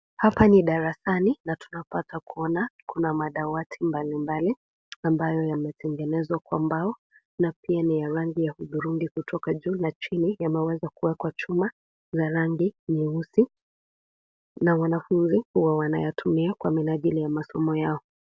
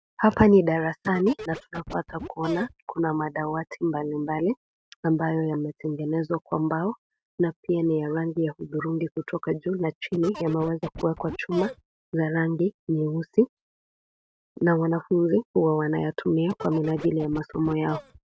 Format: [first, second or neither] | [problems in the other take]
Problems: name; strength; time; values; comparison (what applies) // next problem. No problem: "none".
first | noise reduction (neural mask model RNNoise)